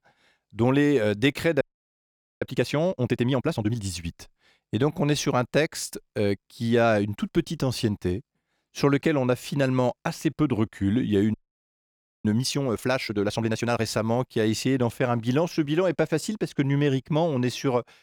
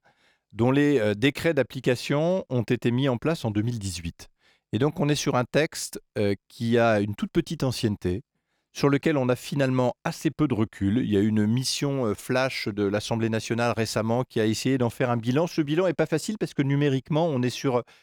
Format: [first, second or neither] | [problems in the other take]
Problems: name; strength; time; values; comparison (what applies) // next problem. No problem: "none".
second | audio freezing; at 1.5 s for 1 s and at 11 s for 1 s